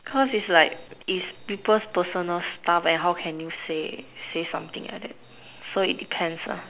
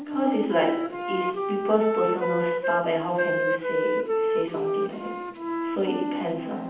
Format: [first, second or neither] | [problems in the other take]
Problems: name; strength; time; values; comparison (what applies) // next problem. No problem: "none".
first | background sound (Wind instrument, woodwind instrument); as loud as the speech // room echo; dies away in 0.8 s